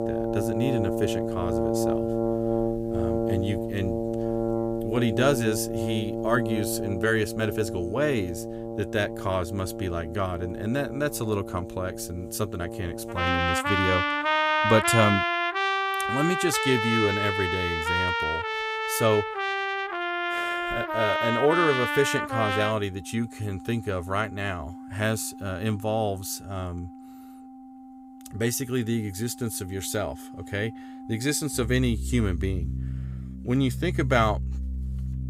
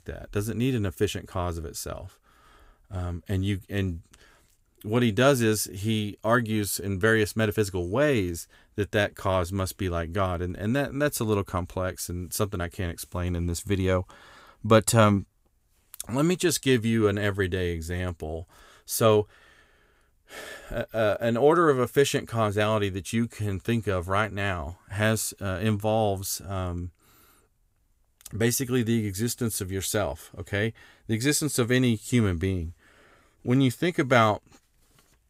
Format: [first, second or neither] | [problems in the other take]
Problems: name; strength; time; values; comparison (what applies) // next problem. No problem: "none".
second | background music; loud; throughout; as loud as the speech